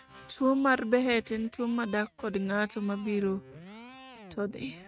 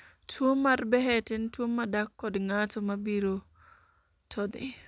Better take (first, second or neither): second